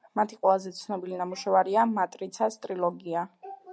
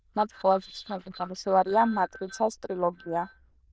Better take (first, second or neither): first